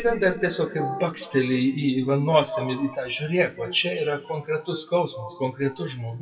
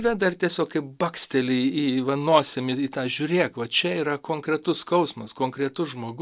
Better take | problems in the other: second | noise reduction (classical method WPE with log-MMSE)

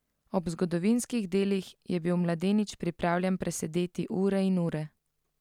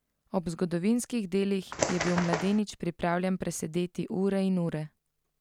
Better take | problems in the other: first | background sound (Bird); 2 dB below the speech

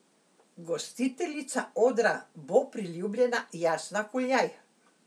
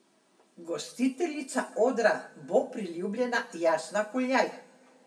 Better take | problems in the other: first | room echo; dies away in 0.8 s

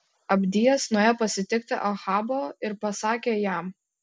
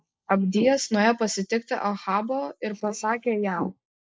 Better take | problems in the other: first | noise reduction (neural mask model Resemble Enhance denoiser)

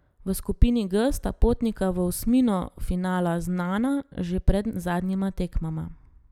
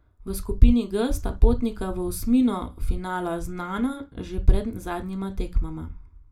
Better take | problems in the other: first | room echo; dies away in 0.3 s

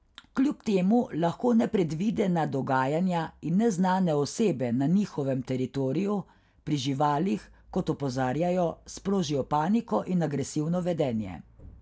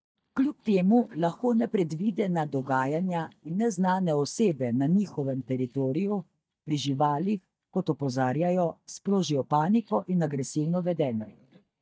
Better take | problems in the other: first | noise reduction (neural mask model DeepFilterNet 3)

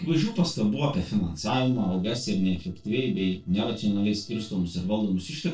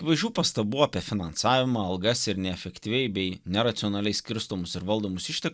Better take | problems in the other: second | noise reduction (neural separator model SepFormer DNS4)

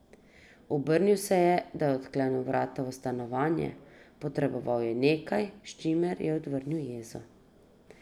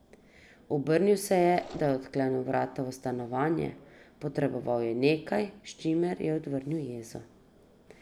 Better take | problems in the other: first | background sound (Engine / Mechanisms); 18 dB below the speech

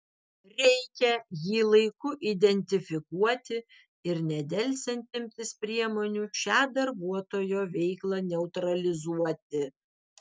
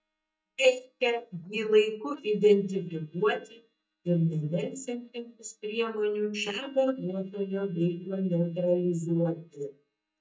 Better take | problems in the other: first | noise reduction (neural mask model DeepFilterNet 3)

